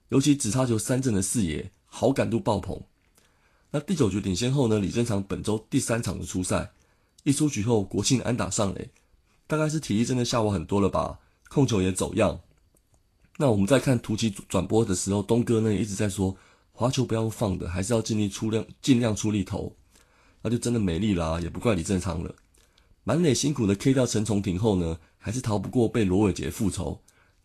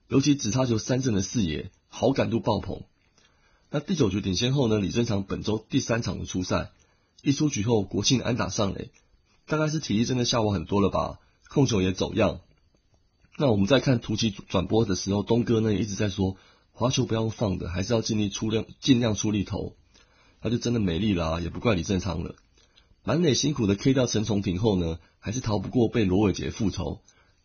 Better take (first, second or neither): first